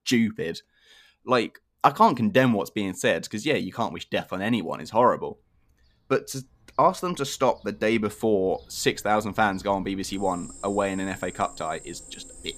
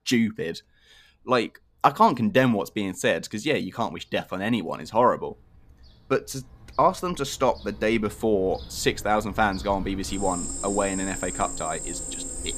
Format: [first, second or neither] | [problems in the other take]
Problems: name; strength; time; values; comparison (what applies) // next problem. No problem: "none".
first | animal sounds; loud; throughout; 9 dB below the speech; faint in the first